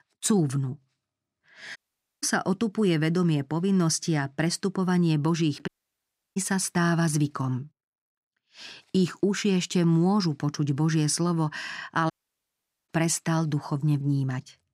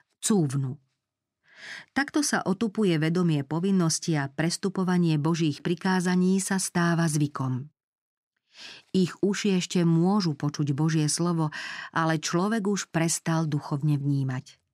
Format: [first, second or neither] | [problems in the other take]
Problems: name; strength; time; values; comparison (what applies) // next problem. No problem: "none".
second | audio cutting out; at 2 s, at 5.5 s for 0.5 s and at 12 s for 1 s